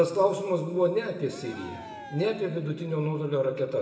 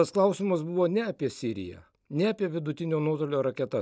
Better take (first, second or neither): second